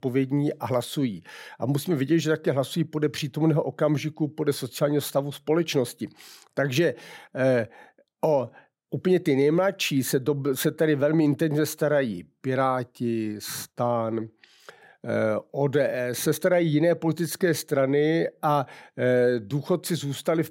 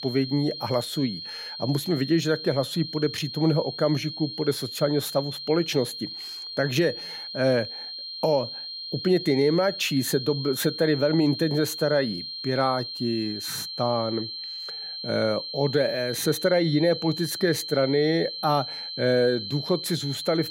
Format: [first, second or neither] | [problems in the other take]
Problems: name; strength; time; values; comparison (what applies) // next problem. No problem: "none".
first | high-pitched whine; loud; throughout; 4 kHz, 8 dB below the speech